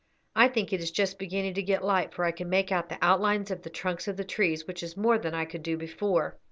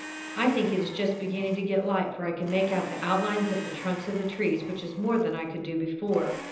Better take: first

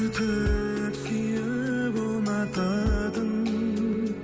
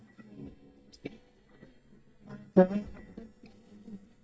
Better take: first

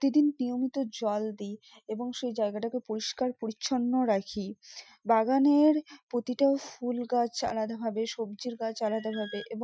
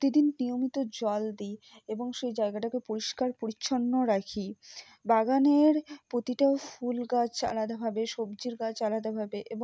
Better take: second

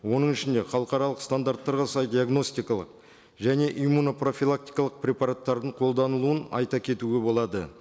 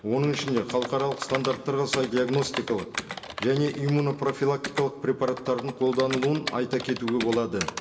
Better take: first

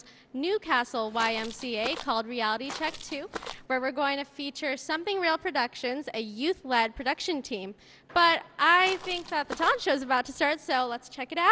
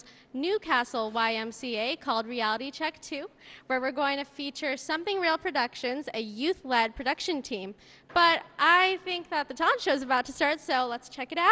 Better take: second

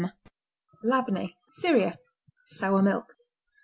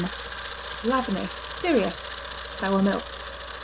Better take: first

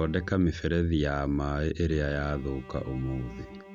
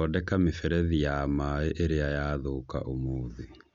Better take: second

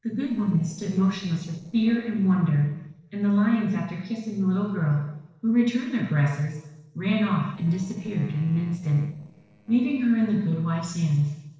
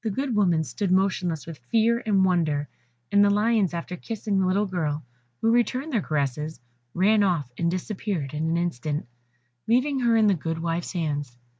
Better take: second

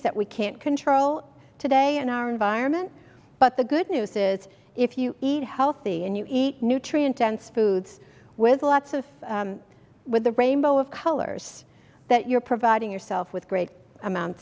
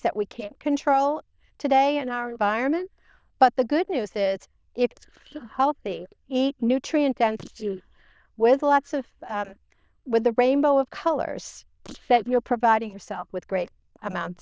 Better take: first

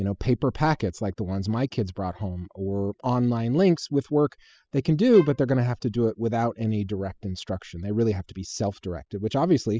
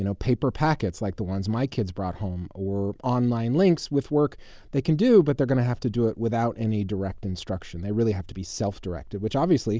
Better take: second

